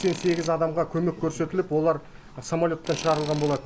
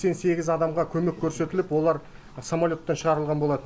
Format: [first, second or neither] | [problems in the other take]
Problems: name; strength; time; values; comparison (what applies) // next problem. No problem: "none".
second | background sound (Tools); 17 dB below the speech